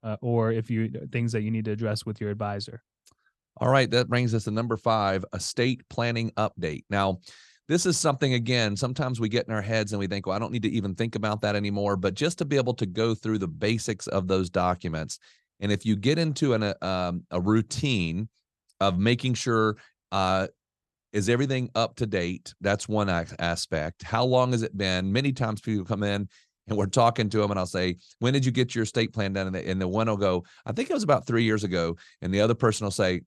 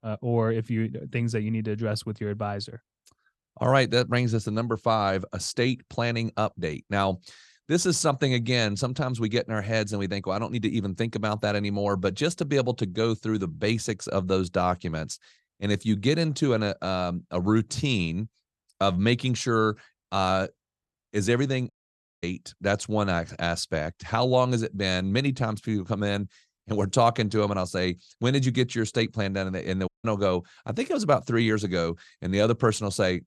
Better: first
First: none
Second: audio cutting out; at 22 s for 0.5 s and at 30 s

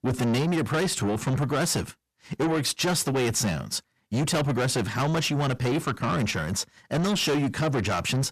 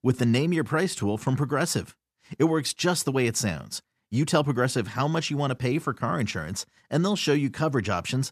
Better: second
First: distortion; heavy; 7 dB below the speech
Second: none

